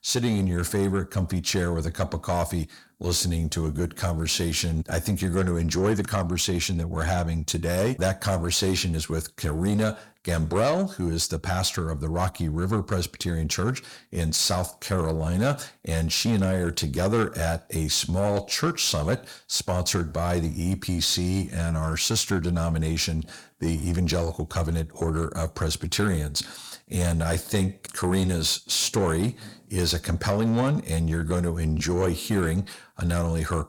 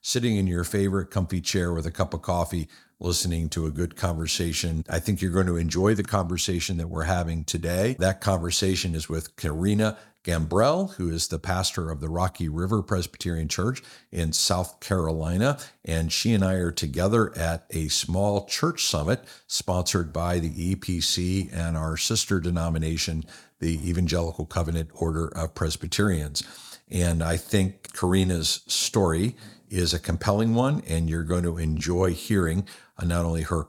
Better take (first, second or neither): second